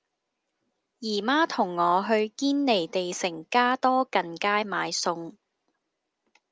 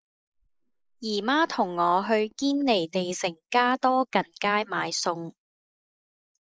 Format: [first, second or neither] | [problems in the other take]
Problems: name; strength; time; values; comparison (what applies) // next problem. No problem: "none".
first | noise reduction (neural mask model Resemble Enhance denoiser)